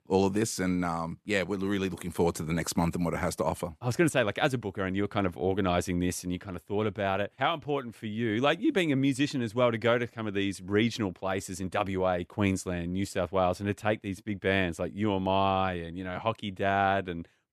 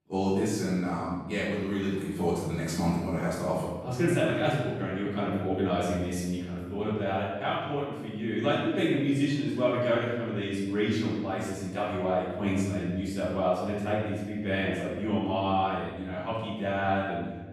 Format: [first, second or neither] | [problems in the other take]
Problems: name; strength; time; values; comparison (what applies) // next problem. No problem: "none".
first | off-mic speech; far // room echo; strong; dies away in 1.3 s